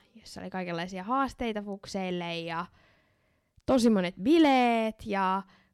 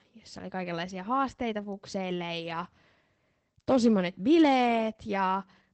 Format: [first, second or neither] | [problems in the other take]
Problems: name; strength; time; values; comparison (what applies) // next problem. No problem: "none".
first | garbled, watery; badly; nothing above 8 kHz